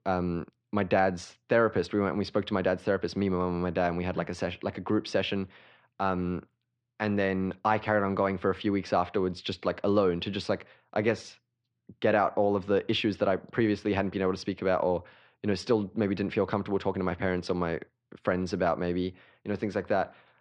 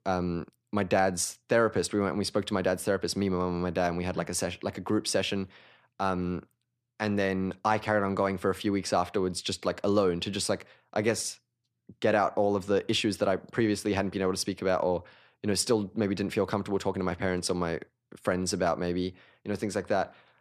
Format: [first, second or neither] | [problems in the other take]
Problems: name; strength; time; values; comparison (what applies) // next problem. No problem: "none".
second | muffled; slightly; fading above 3.5 kHz